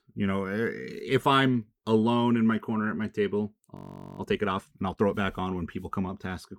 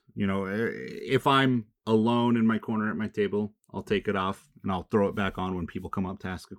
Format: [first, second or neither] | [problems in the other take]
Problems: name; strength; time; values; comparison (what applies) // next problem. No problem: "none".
second | audio freezing; at 4 s